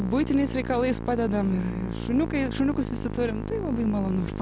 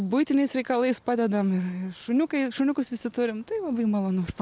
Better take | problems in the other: second | background sound (Musical instrument); 6 dB below the speech

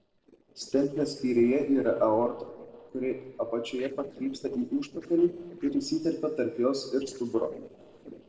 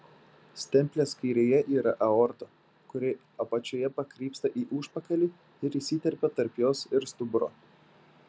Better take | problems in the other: second | noise reduction (neural separator model SepFormer DNS4)

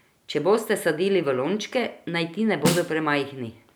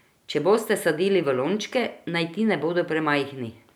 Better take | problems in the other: second | background sound (Snare drum); 4 dB below the speech

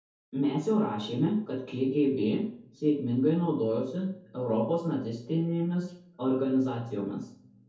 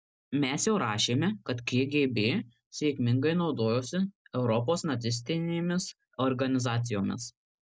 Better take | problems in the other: second | room echo; dies away in 0.6 s

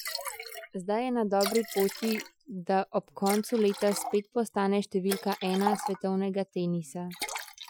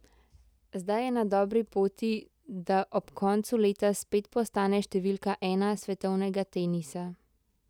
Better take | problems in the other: second | noise reduction (classical method Wiener filter)

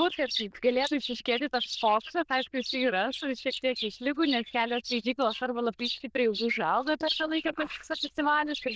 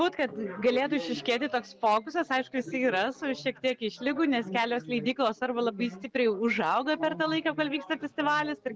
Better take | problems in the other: second | noise reduction (neural diffusion model UNIVERSE++)

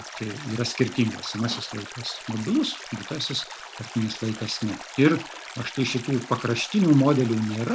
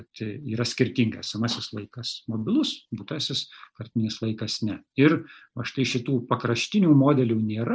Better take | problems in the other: second | background sound (Stream); 14 dB below the speech

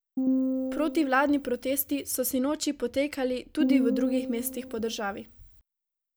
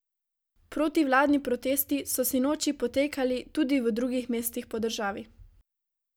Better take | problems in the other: second | background sound (Piano); 2 dB below the speech

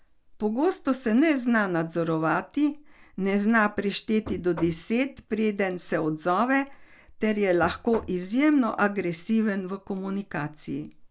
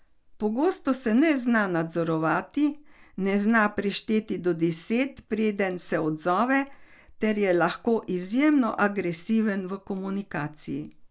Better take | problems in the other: second | background sound (Knock); 15 dB below the speech

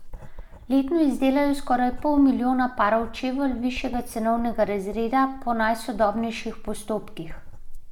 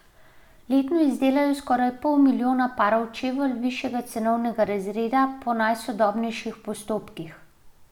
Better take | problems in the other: second | noise reduction (neural mask model Resemble Enhance denoiser)

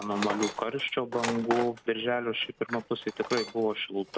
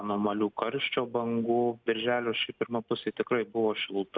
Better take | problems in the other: second | background sound (Tools); 9 dB below the speech

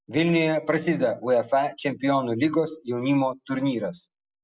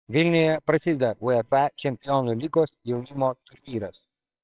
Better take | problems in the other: first | noise reduction (neural separator model SepFormer WHAMR!)

